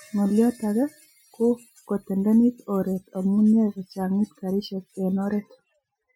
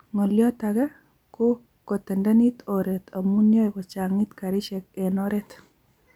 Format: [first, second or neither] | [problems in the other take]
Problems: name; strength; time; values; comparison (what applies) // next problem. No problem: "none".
second | noise reduction (classical method Wiener filter)